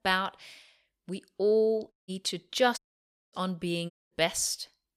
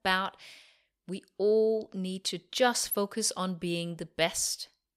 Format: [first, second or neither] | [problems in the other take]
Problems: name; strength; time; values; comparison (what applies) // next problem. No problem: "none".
second | audio cutting out; at 2 s, at 3 s for 0.5 s and at 4 s